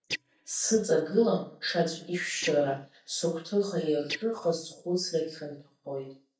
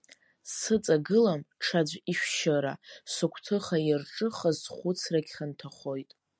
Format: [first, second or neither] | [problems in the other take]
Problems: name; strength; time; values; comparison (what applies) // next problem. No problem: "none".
second | noise reduction (neural mask model DeepFilterNet 3)